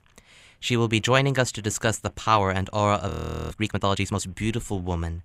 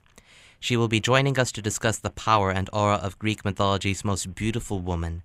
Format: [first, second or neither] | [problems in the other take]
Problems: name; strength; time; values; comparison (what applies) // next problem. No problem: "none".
second | audio freezing; at 3 s